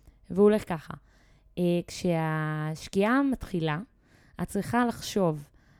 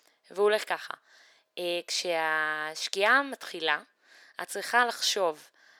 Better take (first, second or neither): first